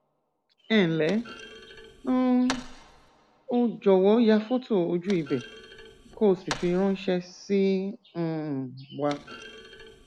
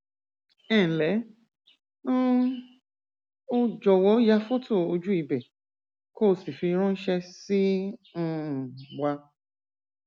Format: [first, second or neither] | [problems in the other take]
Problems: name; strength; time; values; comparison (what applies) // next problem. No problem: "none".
second | background sound (Thump, thud); 18 dB below the speech